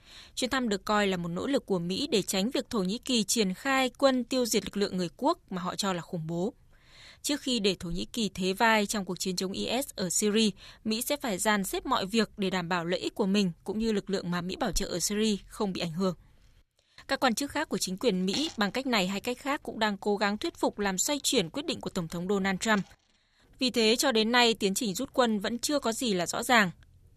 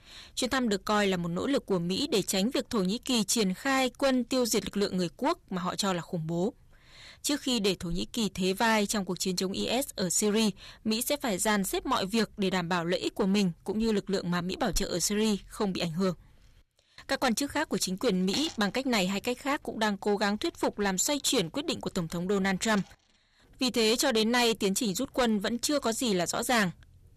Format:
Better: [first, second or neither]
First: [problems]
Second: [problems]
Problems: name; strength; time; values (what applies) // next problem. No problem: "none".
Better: first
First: none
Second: distortion; slight; 6% of the sound clipped